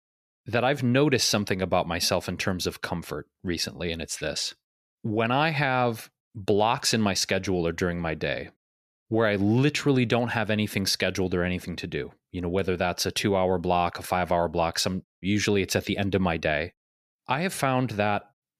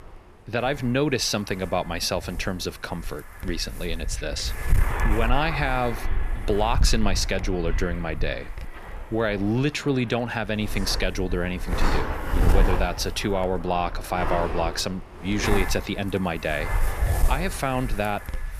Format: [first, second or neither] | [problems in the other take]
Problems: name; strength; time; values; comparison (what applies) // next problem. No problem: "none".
first | wind noise on the microphone; heavy; 7 dB below the speech